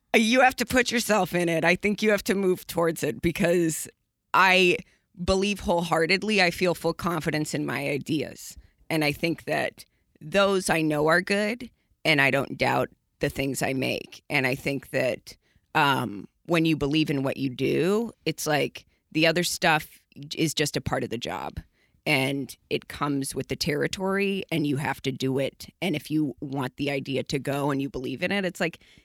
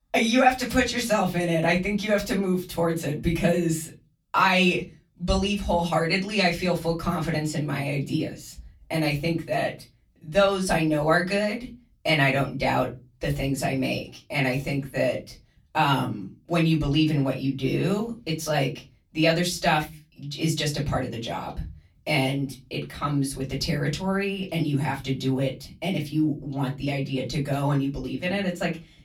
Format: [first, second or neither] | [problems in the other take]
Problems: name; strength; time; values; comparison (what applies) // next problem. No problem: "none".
first | off-mic speech; far // room echo; very slight; dies away in 0.3 s